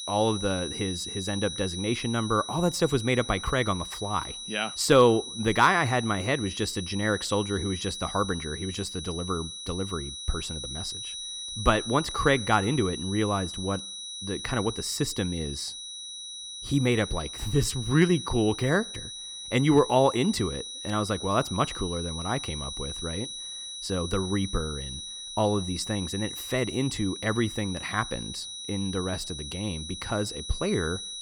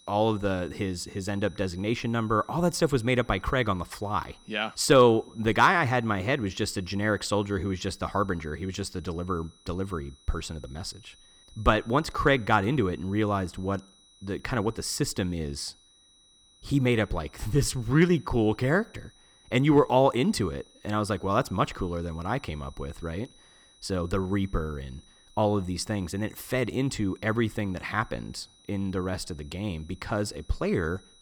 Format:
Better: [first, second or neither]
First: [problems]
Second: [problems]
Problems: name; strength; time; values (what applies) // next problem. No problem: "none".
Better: second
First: high-pitched whine; loud; throughout; 4 kHz, 8 dB below the speech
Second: high-pitched whine; faint; throughout; 4 kHz, 30 dB below the speech